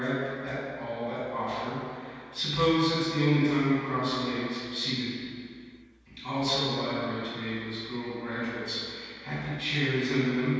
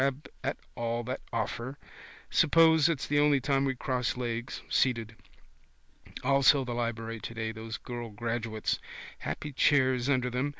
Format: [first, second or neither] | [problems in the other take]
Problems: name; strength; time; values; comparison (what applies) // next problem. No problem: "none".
second | room echo; dies away in 2.1 s